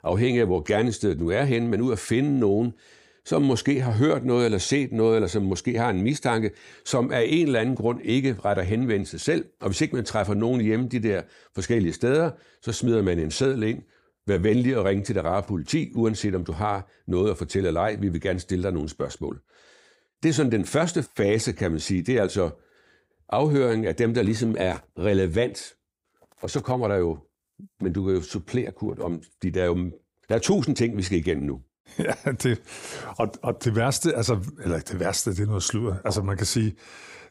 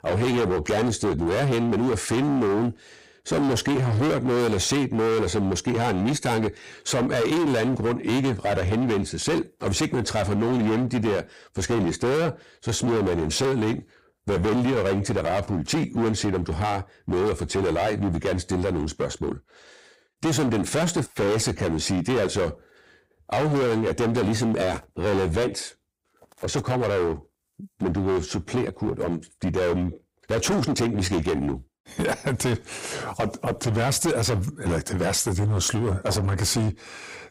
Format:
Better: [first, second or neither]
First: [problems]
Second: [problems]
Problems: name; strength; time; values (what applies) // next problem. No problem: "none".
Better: first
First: none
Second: distortion; heavy; 23% of the sound clipped